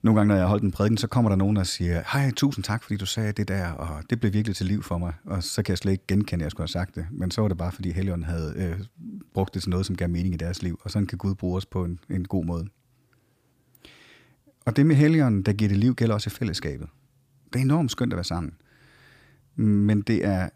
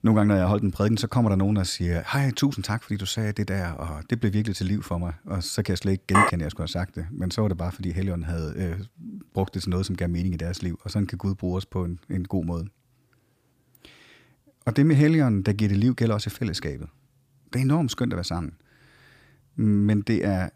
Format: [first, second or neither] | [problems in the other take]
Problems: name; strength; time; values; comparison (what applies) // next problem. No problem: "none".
first | clattering dishes; loud; at 6 s; peak 4 dB above the speech